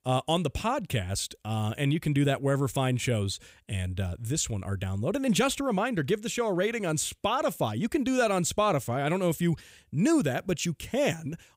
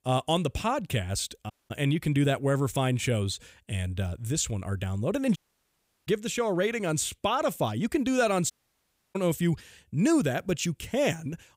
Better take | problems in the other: first | audio cutting out; at 1.5 s, at 5.5 s for 0.5 s and at 8.5 s for 0.5 s

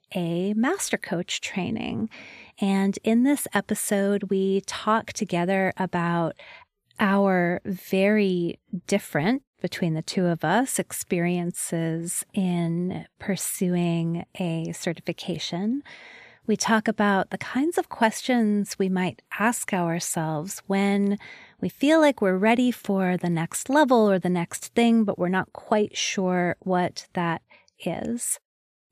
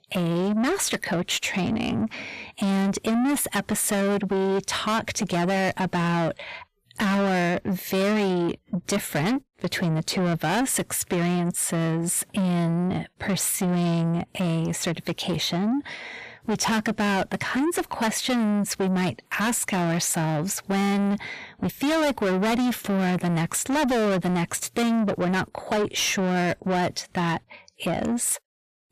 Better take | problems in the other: first | distortion; heavy; 6 dB below the speech

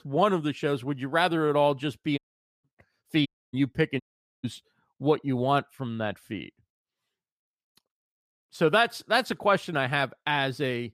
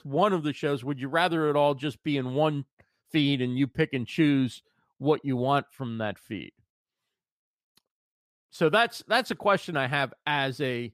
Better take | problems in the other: second | audio cutting out; at 2 s, at 3.5 s and at 4 s

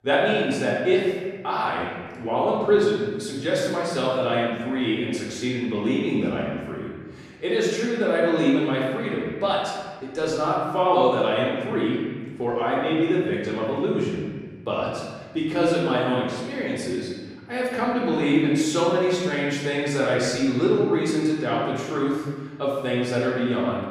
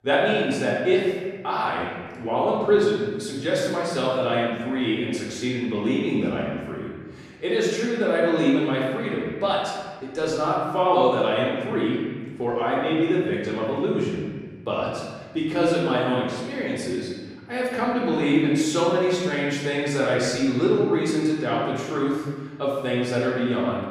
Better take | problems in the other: neither | room echo; noticeable; dies away in 1.5 s; the same in both // off-mic speech; far; the same in both

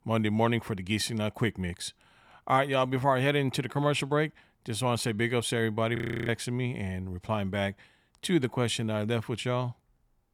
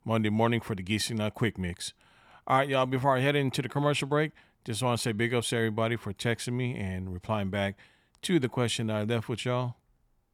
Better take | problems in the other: second | audio freezing; at 6 s

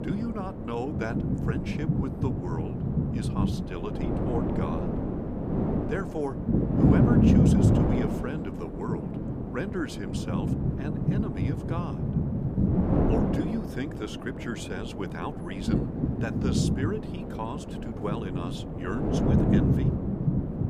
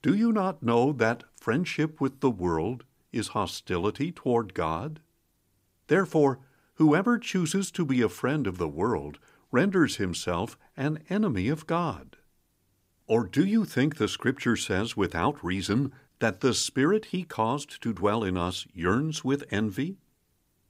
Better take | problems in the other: second | wind noise on the microphone; heavy; 3 dB above the speech

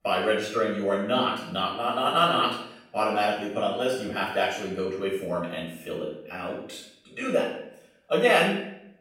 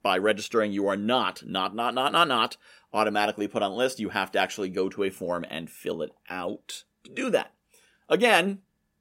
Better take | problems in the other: second | off-mic speech; far // room echo; noticeable; dies away in 0.6 s

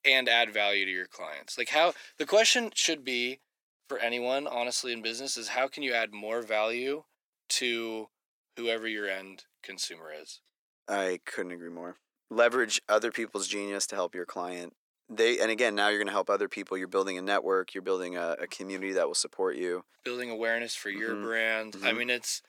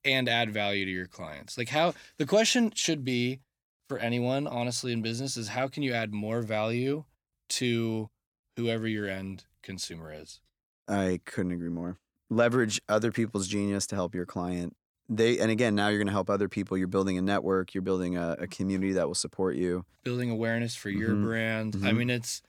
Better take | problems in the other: second | thin; somewhat; fading below 400 Hz

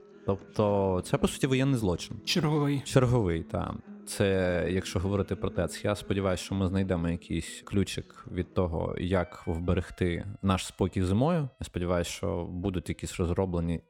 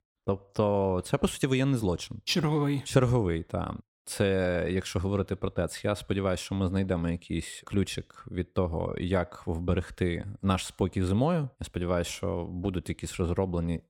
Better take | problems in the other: second | background music; faint; throughout; 20 dB below the speech

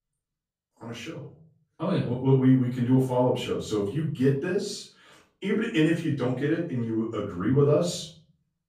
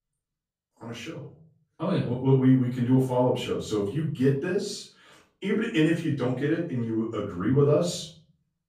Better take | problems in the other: neither | room echo; slight; dies away in 0.4 s; the same in both // off-mic speech; far; the same in both

